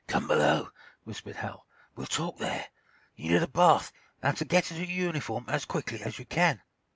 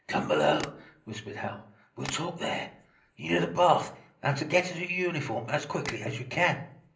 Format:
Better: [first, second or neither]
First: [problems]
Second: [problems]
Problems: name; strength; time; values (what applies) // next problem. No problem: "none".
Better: first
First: none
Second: background sound (Tap); 17 dB below the speech // room echo; dies away in 0.5 s